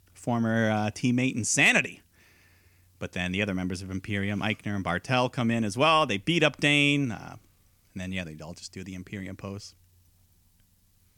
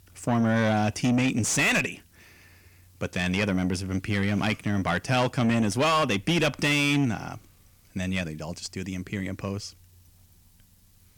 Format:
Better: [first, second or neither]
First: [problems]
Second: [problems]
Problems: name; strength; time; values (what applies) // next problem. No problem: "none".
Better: first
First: none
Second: distortion; heavy; 7 dB below the speech